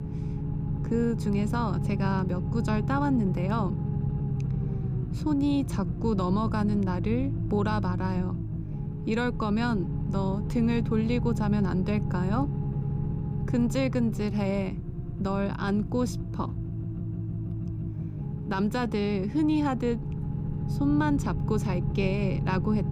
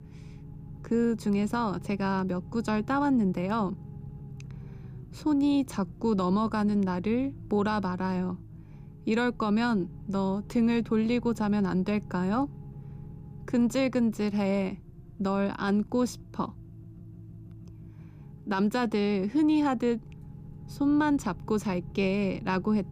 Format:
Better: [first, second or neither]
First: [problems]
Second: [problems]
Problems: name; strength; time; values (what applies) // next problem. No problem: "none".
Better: second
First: low rumble; loud; throughout; 9 dB below the speech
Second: low rumble; faint; throughout; 25 dB below the speech